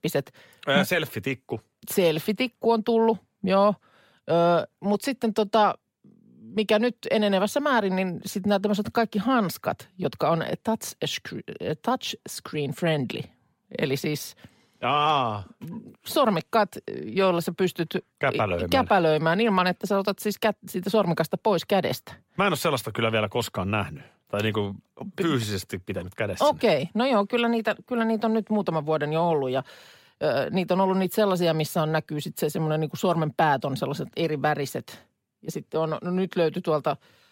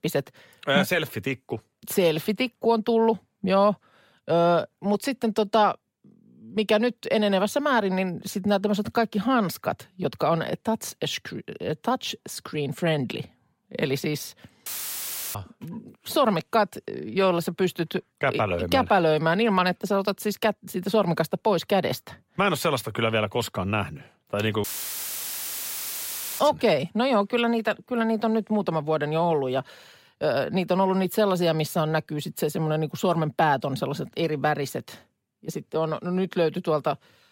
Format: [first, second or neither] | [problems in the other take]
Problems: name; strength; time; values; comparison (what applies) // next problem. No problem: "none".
first | audio cutting out; filled with static; at 15 s for 0.5 s and at 25 s for 2 s